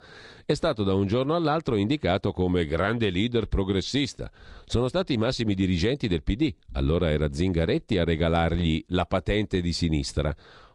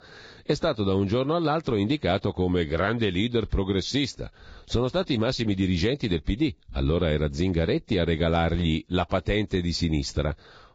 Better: first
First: garbled, watery; slightly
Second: garbled, watery; badly; nothing above 7.5 kHz

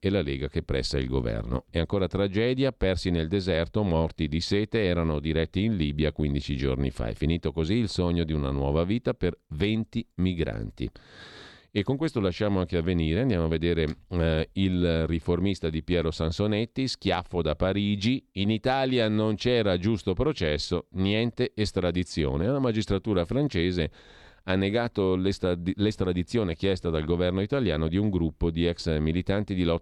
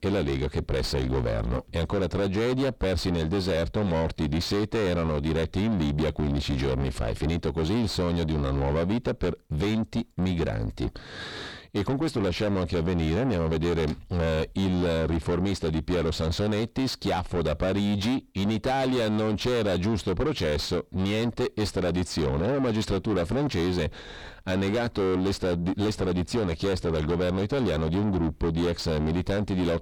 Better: first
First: none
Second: distortion; heavy; 5 dB below the speech

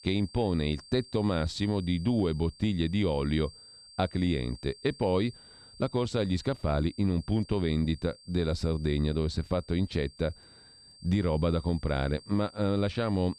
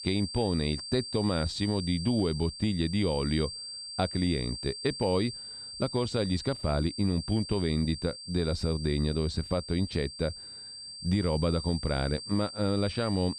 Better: first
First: high-pitched whine; faint; throughout; 4.5 kHz, 20 dB below the speech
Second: high-pitched whine; loud; throughout; 4.5 kHz, 9 dB below the speech

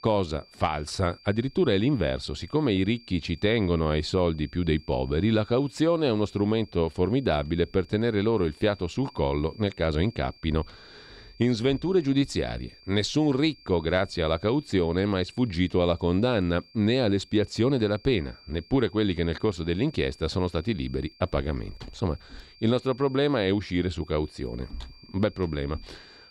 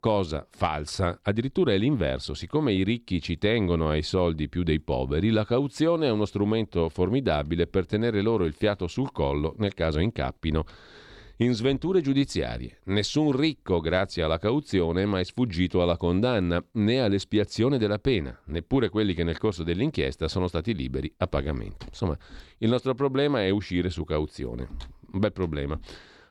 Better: second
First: high-pitched whine; faint; throughout; 4.5 kHz, 25 dB below the speech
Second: none

